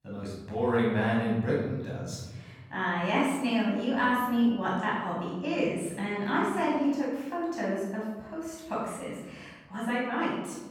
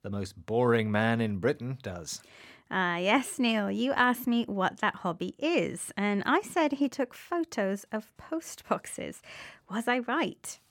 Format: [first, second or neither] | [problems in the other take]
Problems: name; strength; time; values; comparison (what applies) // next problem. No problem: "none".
second | off-mic speech; far // room echo; strong; dies away in 1.5 s